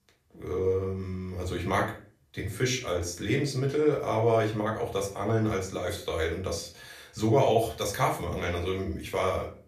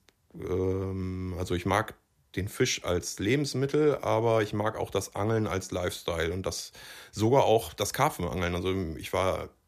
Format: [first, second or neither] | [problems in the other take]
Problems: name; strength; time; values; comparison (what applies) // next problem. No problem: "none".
second | room echo; slight; dies away in 0.3 s // off-mic speech; far